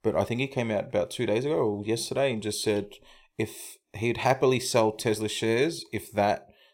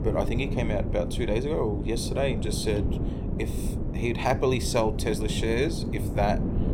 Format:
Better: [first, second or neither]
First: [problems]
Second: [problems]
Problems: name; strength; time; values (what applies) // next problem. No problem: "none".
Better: first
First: none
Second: wind noise on the microphone; heavy; 9 dB below the speech